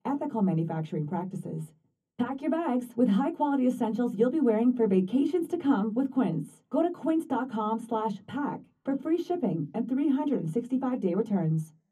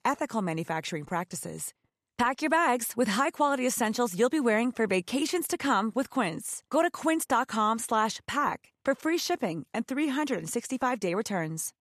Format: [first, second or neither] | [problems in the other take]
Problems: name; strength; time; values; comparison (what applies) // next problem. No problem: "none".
second | room echo; slight; dies away in 0.3 s // off-mic speech; far